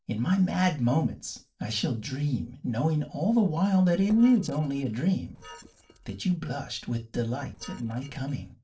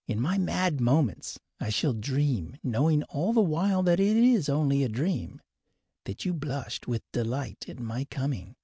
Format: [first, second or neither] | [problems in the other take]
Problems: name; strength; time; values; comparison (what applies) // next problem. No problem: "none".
second | noise reduction (neural separator model SepFormer DNS4)